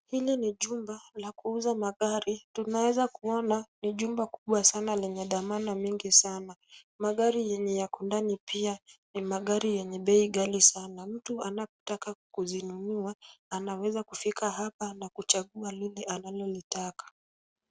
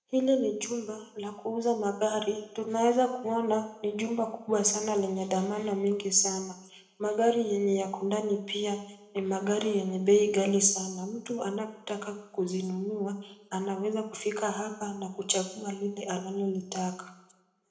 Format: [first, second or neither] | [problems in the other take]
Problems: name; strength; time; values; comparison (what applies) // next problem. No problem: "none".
first | room echo; dies away in 0.9 s